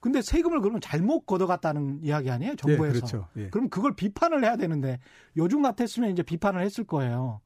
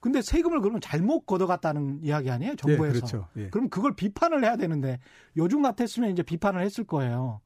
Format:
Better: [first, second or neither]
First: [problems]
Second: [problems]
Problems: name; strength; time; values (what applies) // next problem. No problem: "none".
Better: neither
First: none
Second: none